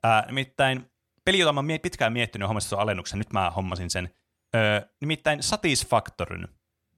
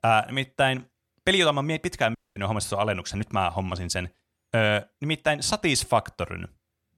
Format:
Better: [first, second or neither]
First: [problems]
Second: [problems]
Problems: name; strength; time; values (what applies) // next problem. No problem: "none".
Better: first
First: none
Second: audio cutting out; at 2 s